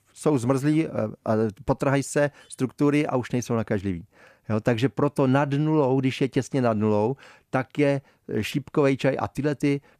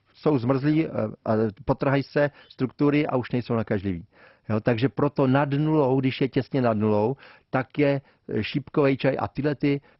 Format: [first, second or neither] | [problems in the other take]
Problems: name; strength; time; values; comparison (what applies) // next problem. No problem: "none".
first | garbled, watery; badly; nothing above 5.5 kHz